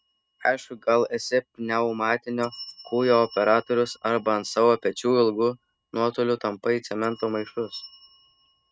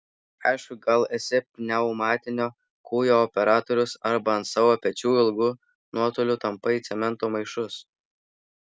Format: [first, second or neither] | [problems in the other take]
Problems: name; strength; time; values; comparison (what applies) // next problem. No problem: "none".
second | noise reduction (neural mask model RNNoise)